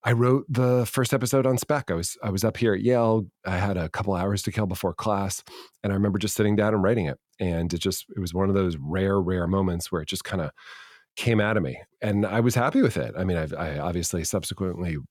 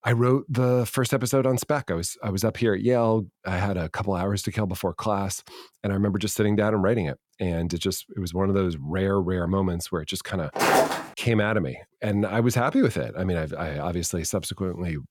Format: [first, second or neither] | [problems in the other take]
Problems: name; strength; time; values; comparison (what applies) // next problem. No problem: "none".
first | footsteps; loud; at 11 s; peak 5 dB above the speech